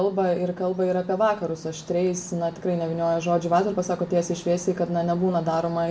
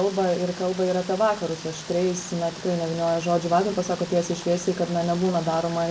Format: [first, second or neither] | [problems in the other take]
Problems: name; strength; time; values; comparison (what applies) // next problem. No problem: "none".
first | background sound (Rain); 16 dB below the speech